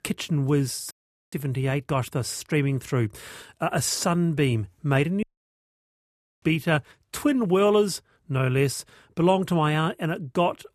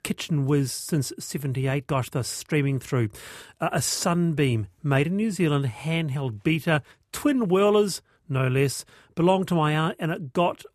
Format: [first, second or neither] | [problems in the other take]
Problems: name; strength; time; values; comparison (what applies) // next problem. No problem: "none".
second | audio cutting out; at 1 s and at 5 s for 1 s